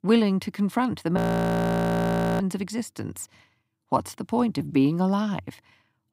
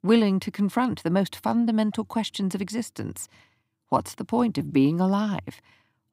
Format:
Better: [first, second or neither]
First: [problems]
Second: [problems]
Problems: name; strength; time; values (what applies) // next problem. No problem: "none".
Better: second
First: audio freezing; at 1 s for 1 s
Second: none